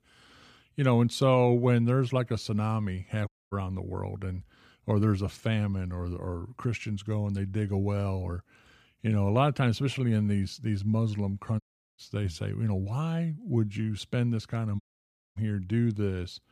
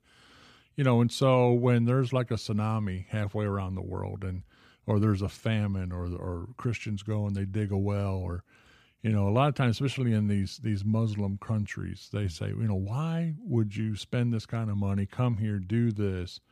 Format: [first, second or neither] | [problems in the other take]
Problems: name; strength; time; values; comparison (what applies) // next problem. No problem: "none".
second | audio cutting out; at 3.5 s, at 12 s and at 15 s for 0.5 s